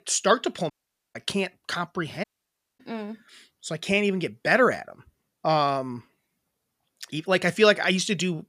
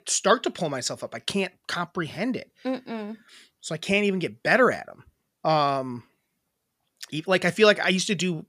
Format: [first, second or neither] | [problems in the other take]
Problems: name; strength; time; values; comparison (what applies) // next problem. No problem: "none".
second | audio cutting out; at 0.5 s and at 2 s for 0.5 s